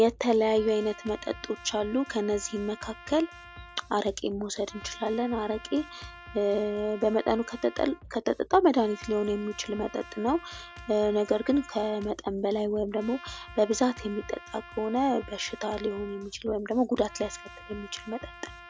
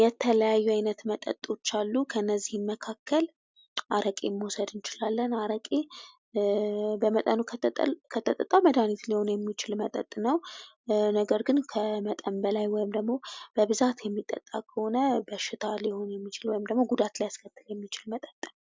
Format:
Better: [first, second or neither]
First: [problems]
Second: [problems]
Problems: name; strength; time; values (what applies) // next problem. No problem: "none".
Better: second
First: background sound (Drum kit + Trumpet); 18 dB below the speech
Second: none